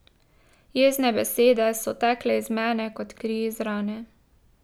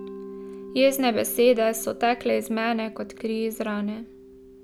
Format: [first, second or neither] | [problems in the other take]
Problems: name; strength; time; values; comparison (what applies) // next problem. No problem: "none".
first | background sound (Mallet percussion); 16 dB below the speech